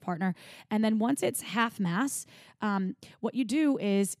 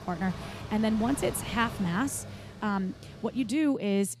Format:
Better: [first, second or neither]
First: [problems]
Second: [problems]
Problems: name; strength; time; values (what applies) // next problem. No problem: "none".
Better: first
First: none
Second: machinery noise; noticeable; throughout; 10 dB below the speech